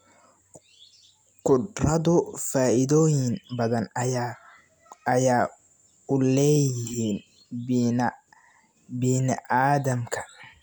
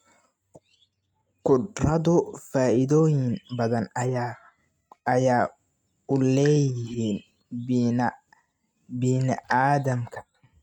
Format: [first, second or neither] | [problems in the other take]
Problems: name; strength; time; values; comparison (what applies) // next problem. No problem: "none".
first | noise reduction (neural mask model RNNoise)